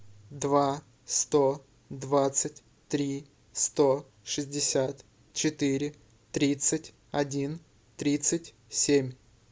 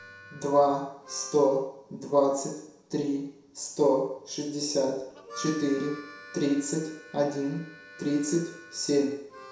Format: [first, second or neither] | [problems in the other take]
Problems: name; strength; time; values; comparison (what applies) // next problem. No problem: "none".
first | background sound (Harmonica); 20 dB below the speech // room echo; dies away in 0.7 s